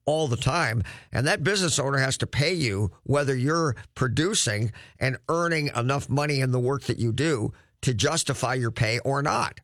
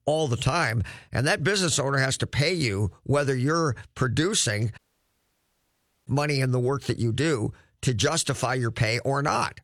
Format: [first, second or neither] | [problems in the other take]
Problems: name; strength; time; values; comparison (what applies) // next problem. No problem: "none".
first | audio cutting out; at 5 s for 1.5 s